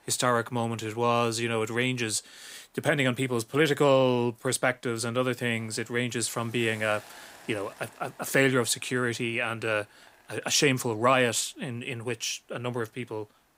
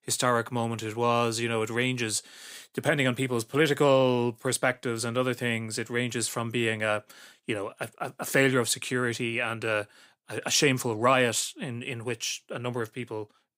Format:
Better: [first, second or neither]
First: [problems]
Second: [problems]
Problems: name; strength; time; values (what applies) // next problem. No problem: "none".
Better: second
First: hiss; faint; throughout; 25 dB below the speech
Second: none